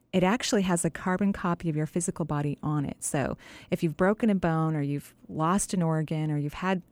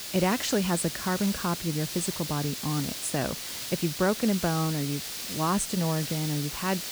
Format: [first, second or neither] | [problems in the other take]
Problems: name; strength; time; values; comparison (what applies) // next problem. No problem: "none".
first | hiss; loud; throughout; 5 dB below the speech